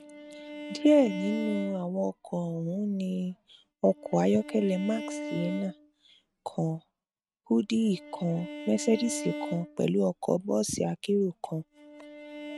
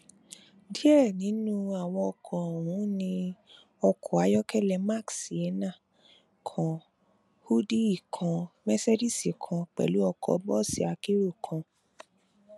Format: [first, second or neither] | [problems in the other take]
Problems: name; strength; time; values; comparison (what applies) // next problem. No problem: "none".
second | noise reduction (neural mask model RNNoise)